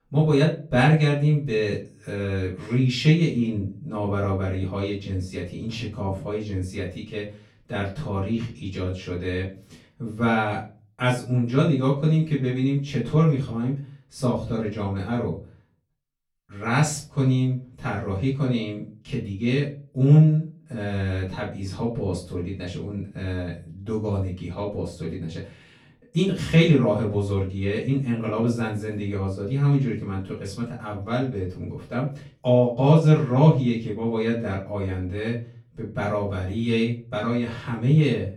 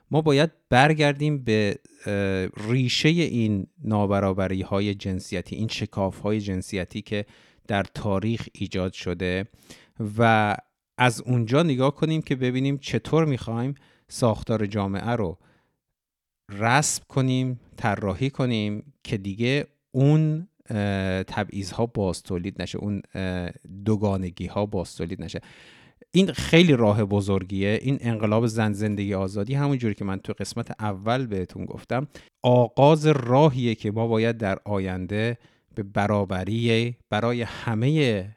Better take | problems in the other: second | off-mic speech; far // room echo; slight; dies away in 0.3 s

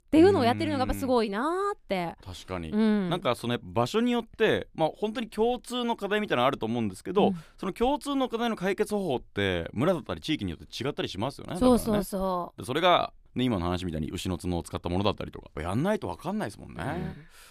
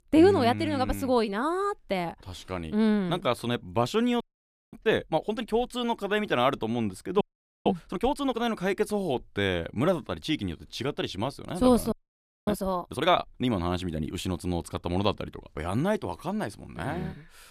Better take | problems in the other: first | audio freezing; at 4 s for 0.5 s, at 7 s and at 12 s for 0.5 s

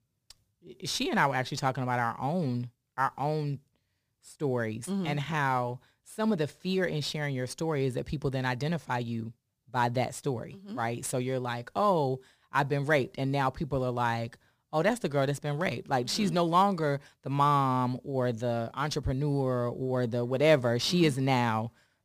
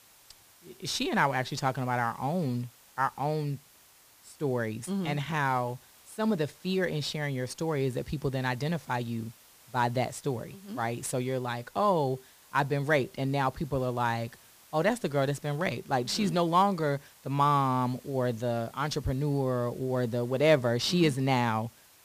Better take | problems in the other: first | hiss; faint; throughout; 25 dB below the speech

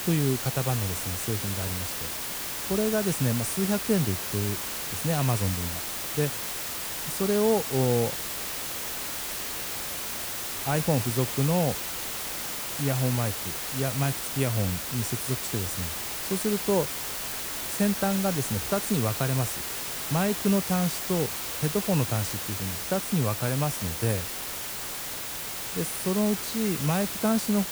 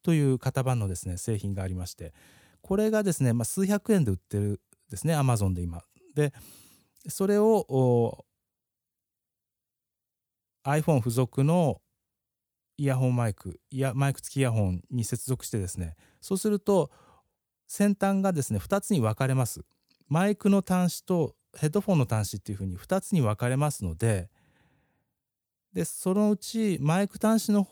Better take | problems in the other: second | hiss; loud; throughout; 2 dB below the speech

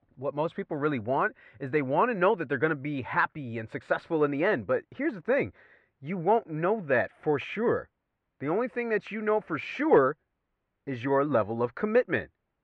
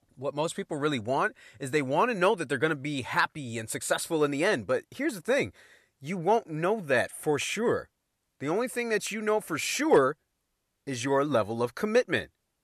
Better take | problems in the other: second | muffled; very; fading above 2 kHz

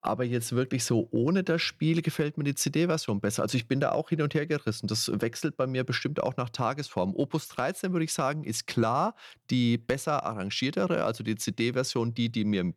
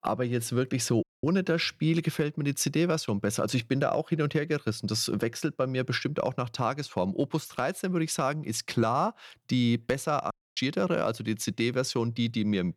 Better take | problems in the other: first | audio cutting out; at 1 s and at 10 s

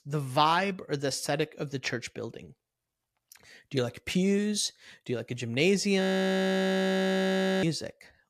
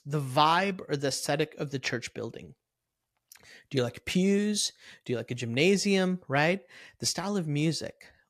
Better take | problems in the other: second | audio freezing; at 6 s for 1.5 s

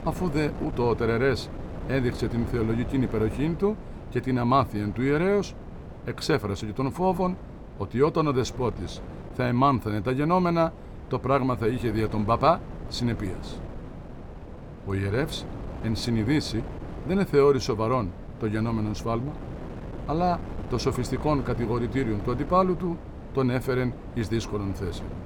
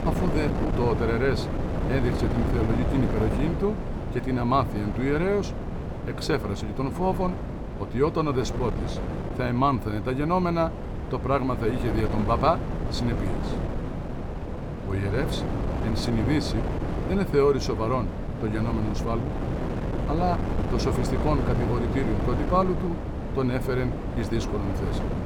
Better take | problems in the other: first | wind noise on the microphone; heavy; 6 dB below the speech; occasional gusts in the first

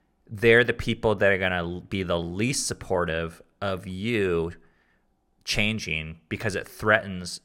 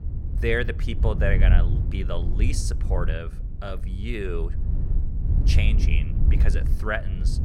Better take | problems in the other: first | wind noise on the microphone; occasional gusts; 10 dB below the speech

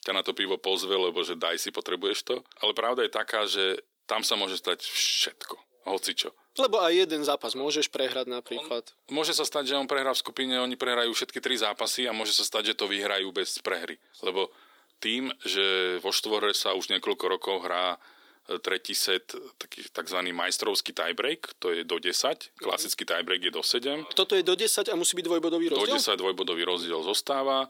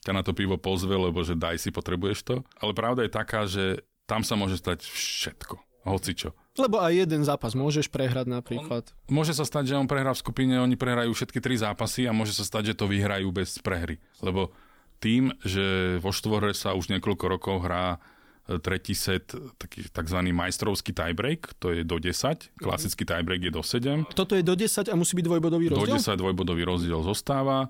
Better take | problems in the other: second | thin; somewhat; fading below 350 Hz

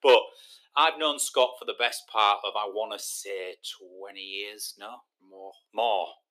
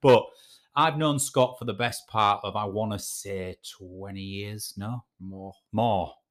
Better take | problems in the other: second | thin; very; fading below 350 Hz

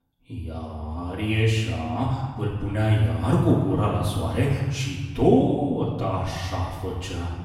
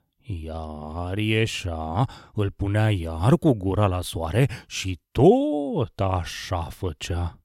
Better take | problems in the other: second | off-mic speech; far // room echo; noticeable; dies away in 1.4 s

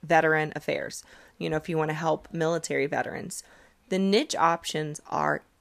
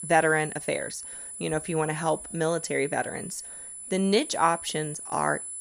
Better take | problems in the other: first | high-pitched whine; loud; throughout; 10 kHz, 9 dB below the speech

